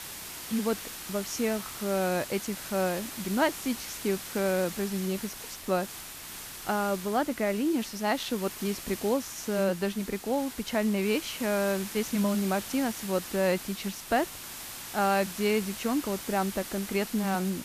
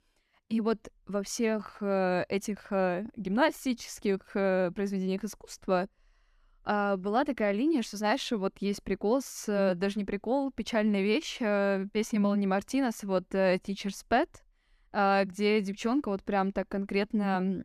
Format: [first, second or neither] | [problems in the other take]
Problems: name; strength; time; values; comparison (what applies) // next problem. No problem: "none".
second | hiss; loud; throughout; 9 dB below the speech